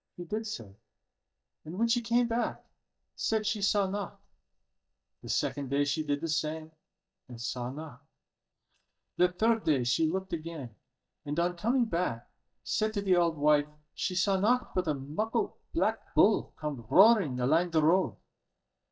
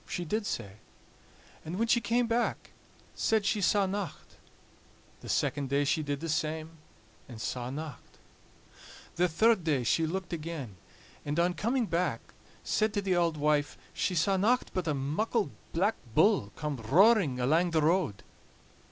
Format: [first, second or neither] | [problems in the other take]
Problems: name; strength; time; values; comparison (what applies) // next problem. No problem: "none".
second | noise reduction (neural mask model DeepFilterNet 3)